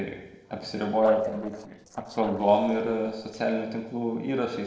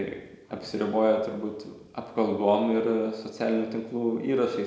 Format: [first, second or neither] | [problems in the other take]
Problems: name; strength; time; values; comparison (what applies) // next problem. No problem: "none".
second | noise reduction (neural separator model SepFormer DNS4)